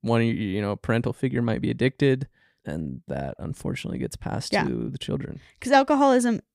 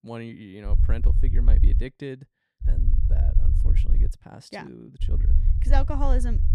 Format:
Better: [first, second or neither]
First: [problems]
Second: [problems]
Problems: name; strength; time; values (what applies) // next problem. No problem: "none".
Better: first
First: none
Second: low rumble; loud; from 0.5 to 2 s, from 2.5 to 4 s and from 5 s on; 7 dB below the speech